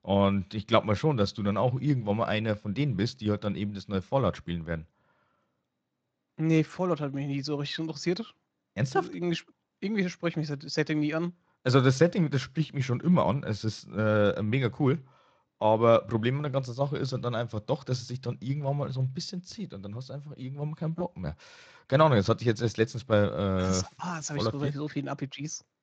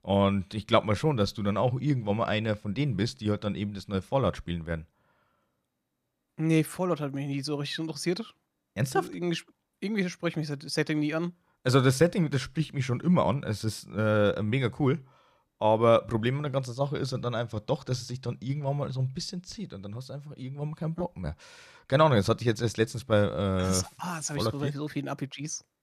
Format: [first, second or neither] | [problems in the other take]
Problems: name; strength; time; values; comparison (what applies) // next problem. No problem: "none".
second | garbled, watery; slightly